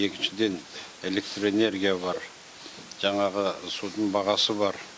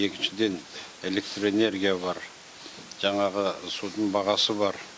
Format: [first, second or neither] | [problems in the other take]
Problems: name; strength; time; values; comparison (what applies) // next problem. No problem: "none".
second | background sound (Cowbell); 17 dB below the speech